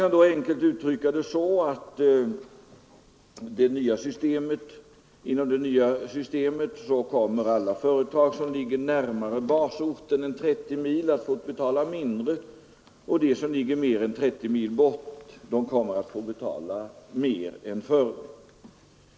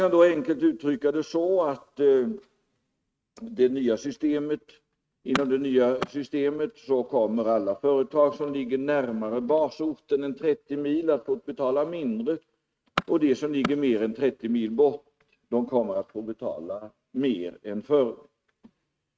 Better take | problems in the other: first | noise reduction (neural mask model RNNoise)

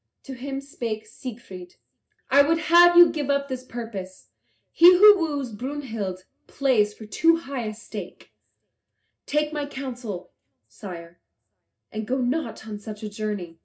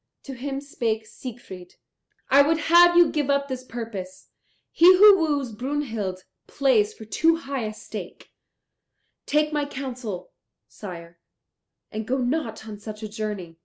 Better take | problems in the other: second | room echo; dies away in 0.4 s

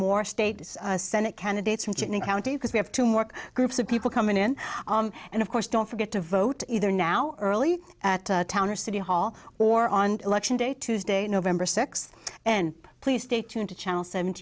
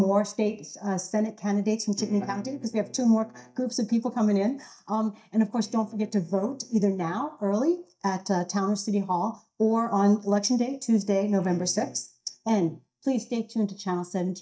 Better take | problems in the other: first | noise reduction (neural mask model DeepFilterNet 3)

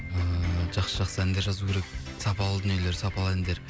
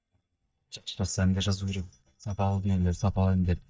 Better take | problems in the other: first | noise reduction (neural mask model DeepFilterNet 3)

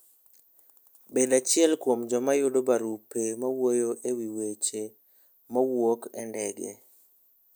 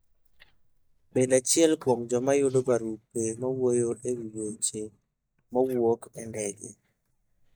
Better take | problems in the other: first | noise reduction (neural mask model DeepFilterNet 3)

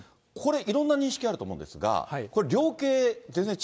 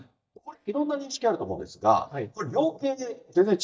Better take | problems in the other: first | noise reduction (neural mask model DeepFilterNet 3)

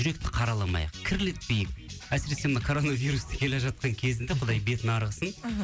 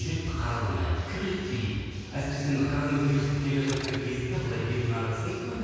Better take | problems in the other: first | background sound (Mechanisms); 16 dB below the speech // room echo; dies away in 2.2 s

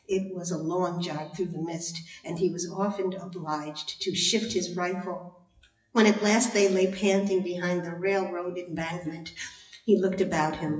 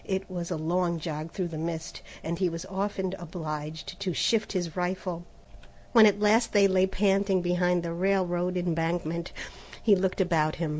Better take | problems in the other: second | noise reduction (classical method WPE with log-MMSE)

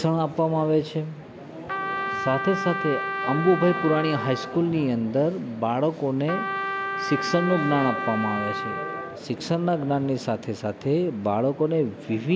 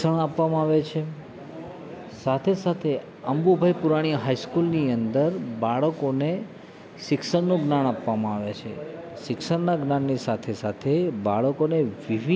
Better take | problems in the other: second | background sound (Trumpet); 5 dB below the speech

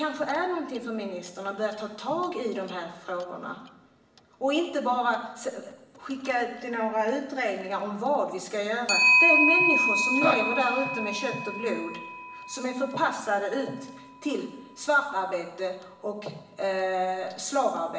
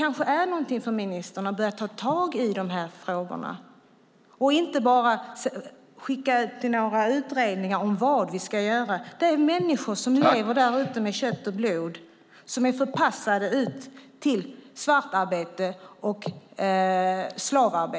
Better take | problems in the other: second | background sound (Clock); 2 dB below the speech // room echo; dies away in 0.8 s

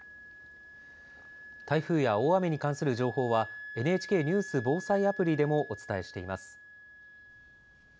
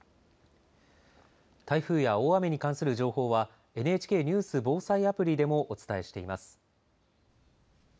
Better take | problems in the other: second | background sound (Wind instrument, woodwind instrument); 16 dB below the speech

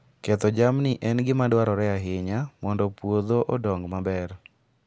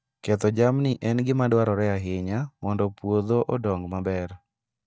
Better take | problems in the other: first | noise reduction (neural mask model DeepFilterNet 3)

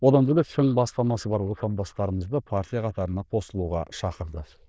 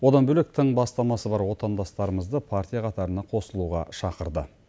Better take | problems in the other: second | noise reduction (neural diffusion model UNIVERSE++)

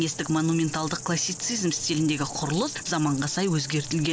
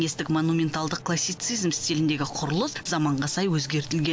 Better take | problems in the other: second | background sound (Insect); 14 dB below the speech

